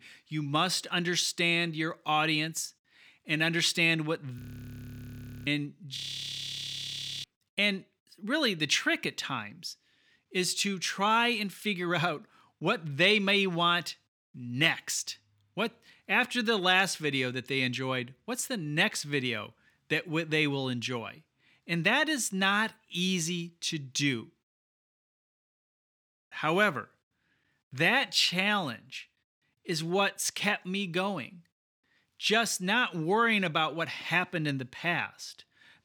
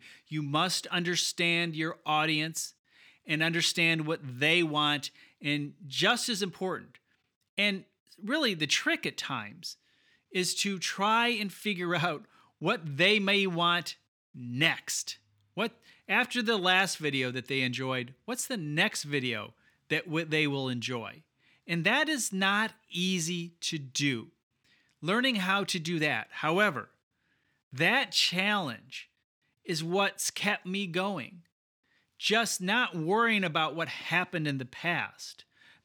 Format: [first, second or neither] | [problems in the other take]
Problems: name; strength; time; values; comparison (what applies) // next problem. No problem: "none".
second | audio freezing; at 4.5 s for 1 s, at 6 s for 1.5 s and at 24 s for 2 s